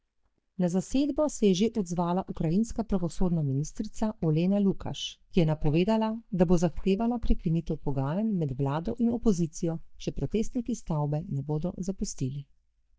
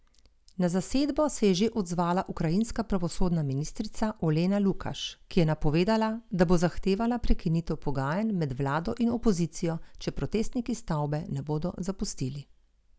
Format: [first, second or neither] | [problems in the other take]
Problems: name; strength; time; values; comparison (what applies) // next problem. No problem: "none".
second | noise reduction (neural mask model DeepFilterNet 3)